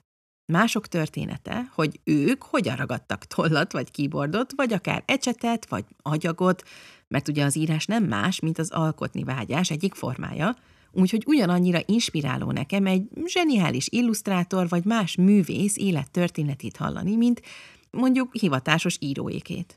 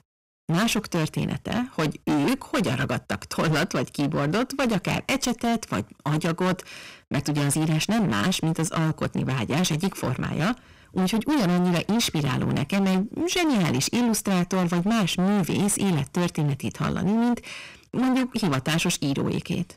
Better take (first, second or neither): first